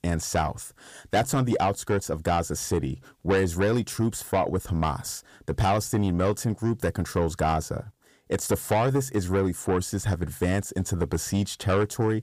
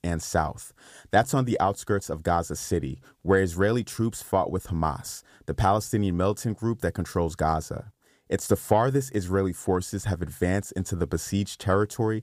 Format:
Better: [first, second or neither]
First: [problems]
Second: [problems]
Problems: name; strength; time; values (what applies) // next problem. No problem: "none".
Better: second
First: distortion; slight; 10 dB below the speech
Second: none